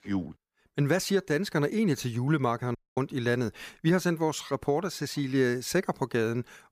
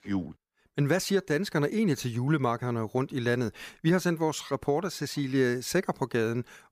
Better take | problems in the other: second | audio cutting out; at 3 s

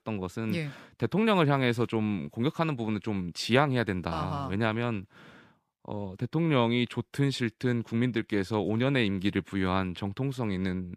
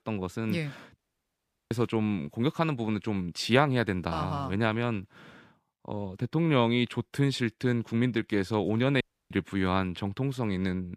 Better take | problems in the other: first | audio cutting out; at 1 s for 0.5 s and at 9 s

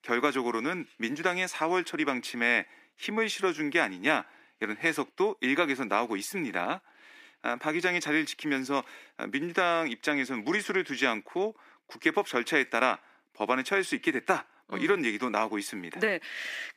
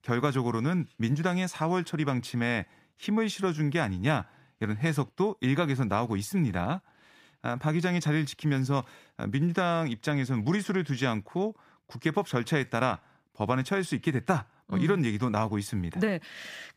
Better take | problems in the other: second | thin; somewhat; fading below 300 Hz

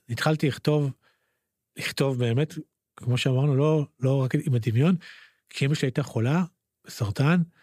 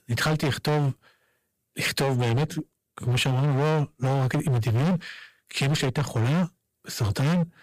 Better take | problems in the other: first | distortion; heavy; 26% of the sound clipped

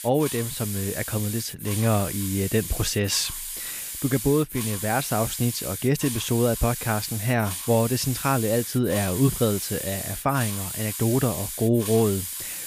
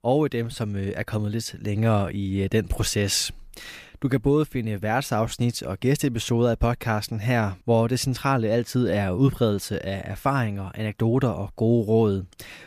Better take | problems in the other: second | hiss; loud; throughout; 6 dB below the speech

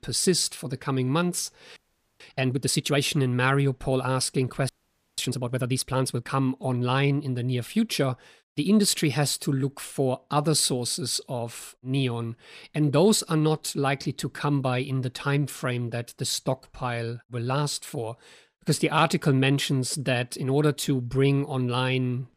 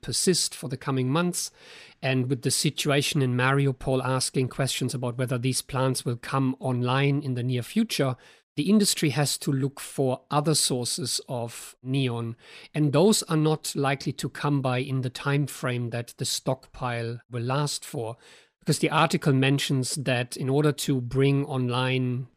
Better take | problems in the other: second | audio freezing; at 2 s and at 4.5 s

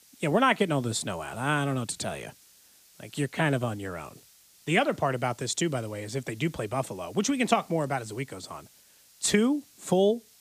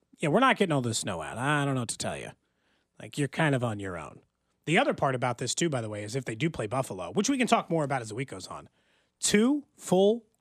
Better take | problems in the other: second | hiss; faint; throughout; 25 dB below the speech

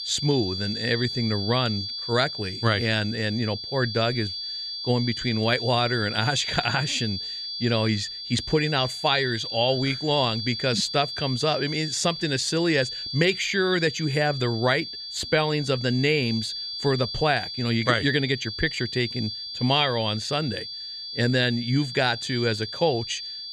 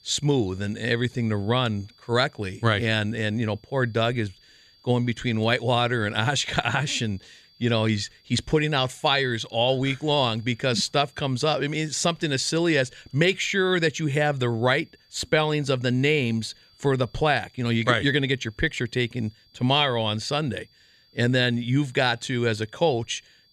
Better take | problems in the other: second | high-pitched whine; loud; throughout; 4.5 kHz, 6 dB below the speech; faint in the second

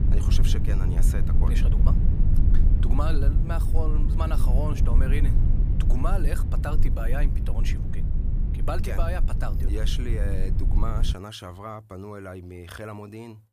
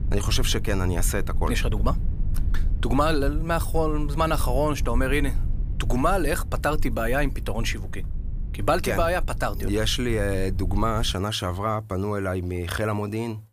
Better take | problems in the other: second | low rumble; loud; until 11 s; 5 dB below the speech; faint in the second

